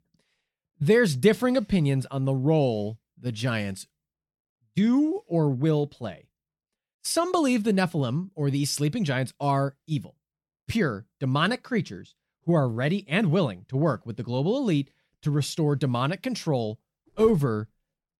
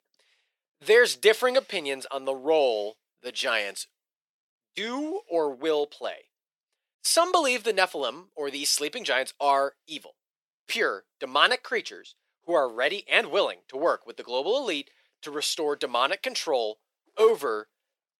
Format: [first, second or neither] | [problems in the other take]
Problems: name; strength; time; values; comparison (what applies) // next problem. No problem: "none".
first | thin; very; fading below 450 Hz